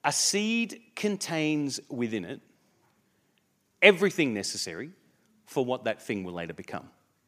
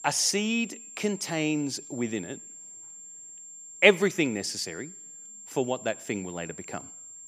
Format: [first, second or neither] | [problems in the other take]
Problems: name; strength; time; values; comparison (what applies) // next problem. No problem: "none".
first | high-pitched whine; noticeable; throughout; 7.5 kHz, 15 dB below the speech